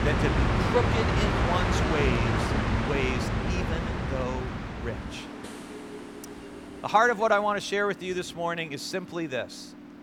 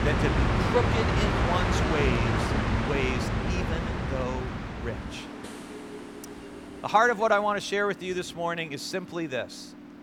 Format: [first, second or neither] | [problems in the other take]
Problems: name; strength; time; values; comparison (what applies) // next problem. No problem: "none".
neither | train or aircraft noise; very loud; throughout; 1 dB above the speech; the same in both